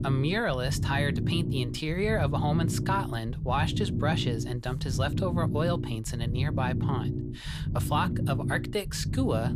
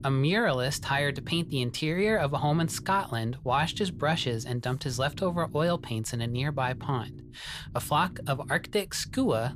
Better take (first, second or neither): second